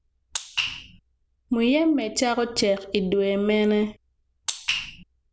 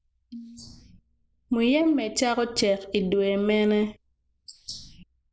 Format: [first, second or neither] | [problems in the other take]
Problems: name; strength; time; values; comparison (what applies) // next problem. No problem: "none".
first | noise reduction (neural mask model Resemble Enhance denoiser)